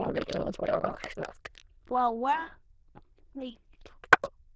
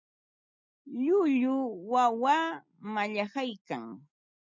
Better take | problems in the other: second | noise reduction (neural diffusion model UNIVERSE++)

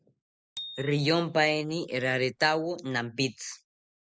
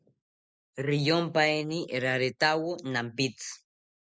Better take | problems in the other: second | background sound (Bicycle bell); 18 dB below the speech

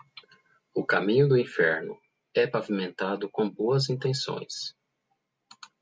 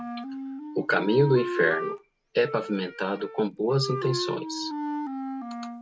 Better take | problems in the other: first | background sound (Wind instrument, woodwind instrument); 6 dB below the speech

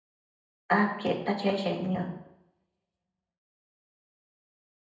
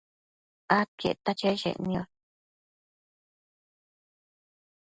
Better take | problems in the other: second | room echo; dies away in 0.8 s

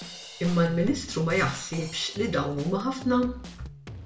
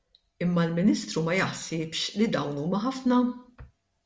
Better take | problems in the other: second | background sound (Drum kit); 15 dB below the speech // room echo; dies away in 0.2 s

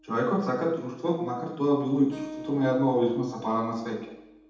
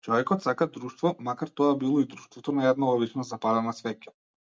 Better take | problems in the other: second | background sound (Acoustic guitar); 18 dB below the speech // room echo; dies away in 0.8 s

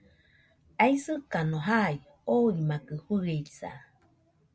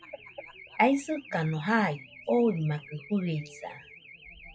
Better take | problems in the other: first | noise reduction (classical method log-MMSE)

